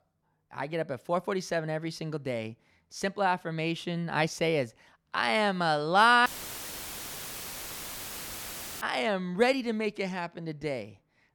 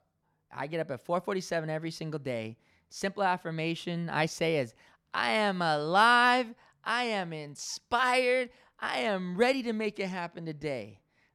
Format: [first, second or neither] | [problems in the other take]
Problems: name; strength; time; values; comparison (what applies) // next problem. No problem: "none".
second | audio cutting out; filled with static; at 6.5 s for 2.5 s